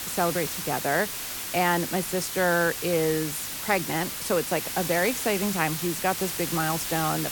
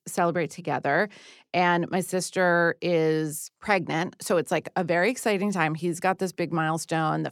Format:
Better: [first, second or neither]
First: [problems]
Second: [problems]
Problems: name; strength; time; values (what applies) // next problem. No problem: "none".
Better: second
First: hiss; loud; throughout; 3 dB below the speech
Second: none